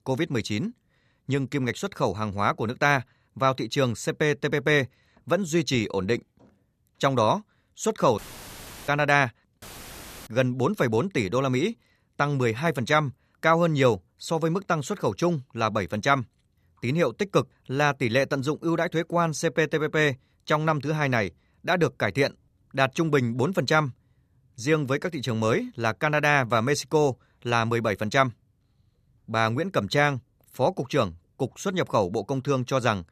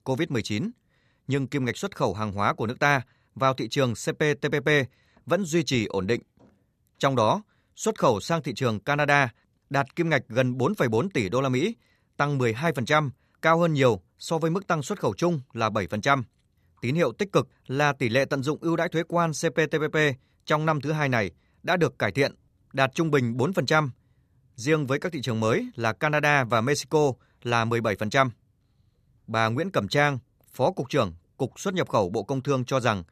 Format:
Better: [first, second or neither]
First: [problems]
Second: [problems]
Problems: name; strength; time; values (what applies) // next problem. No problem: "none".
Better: second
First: audio cutting out; filled with static; at 8 s for 0.5 s and at 9.5 s for 0.5 s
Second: none